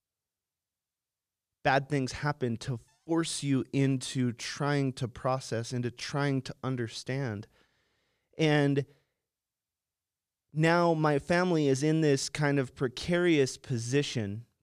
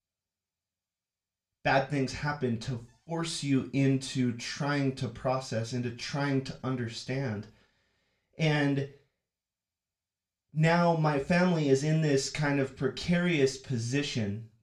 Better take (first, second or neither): first